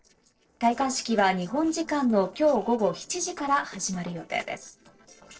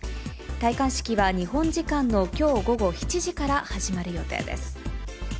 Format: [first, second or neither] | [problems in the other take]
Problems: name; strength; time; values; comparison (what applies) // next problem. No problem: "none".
second | noise reduction (neural separator model SepFormer DNS4)